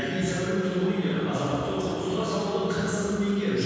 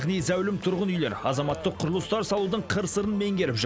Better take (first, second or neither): second